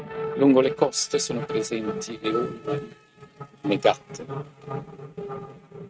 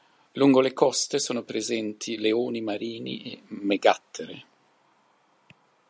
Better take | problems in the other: second | noise reduction (neural mask model RNNoise)

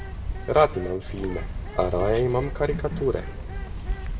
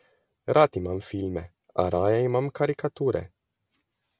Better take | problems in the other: second | background sound (Bird); 5 dB below the speech // room echo; dies away in 1.1 s

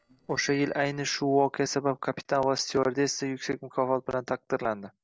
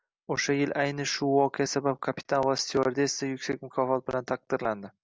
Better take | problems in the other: second | noise reduction (neural separator model SepFormer DNS4)

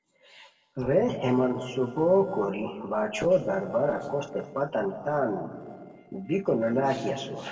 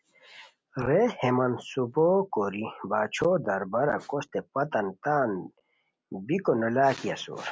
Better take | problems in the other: second | noise reduction (neural separator model SepFormer DNS4)

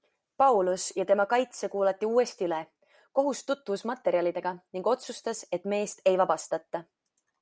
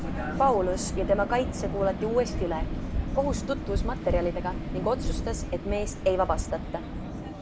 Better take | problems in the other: first | background sound (Vehicle + Waves, surf); 2 dB below the speech

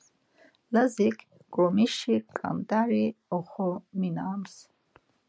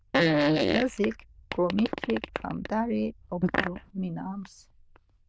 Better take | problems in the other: first | noise reduction (neural diffusion model UNIVERSE++)

